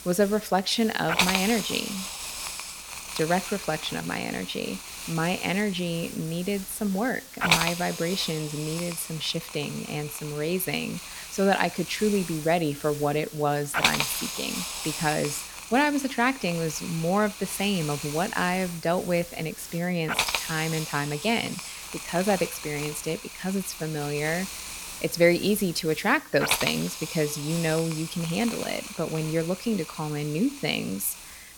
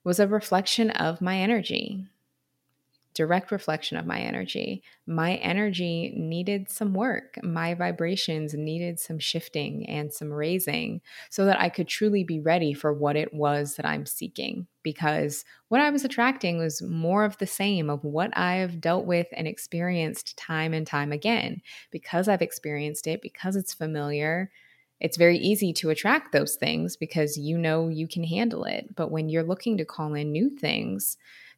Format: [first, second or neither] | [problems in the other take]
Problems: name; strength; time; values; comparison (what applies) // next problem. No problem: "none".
second | hiss; loud; throughout; 5 dB below the speech